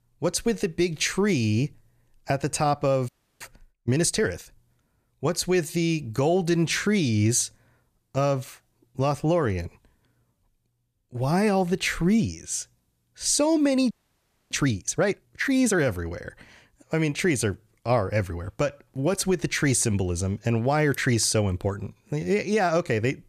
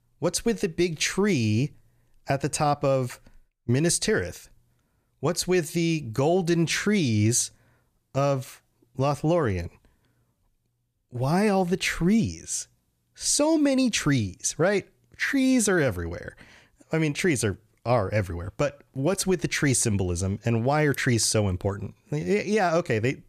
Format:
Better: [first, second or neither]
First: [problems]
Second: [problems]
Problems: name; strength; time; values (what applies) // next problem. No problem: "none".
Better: second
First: audio freezing; at 3 s and at 14 s for 0.5 s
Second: none